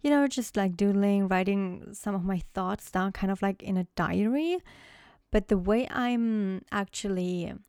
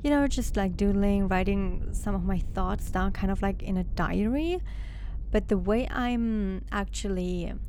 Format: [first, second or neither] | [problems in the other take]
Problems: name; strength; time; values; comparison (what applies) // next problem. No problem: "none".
first | low rumble; faint; throughout; 20 dB below the speech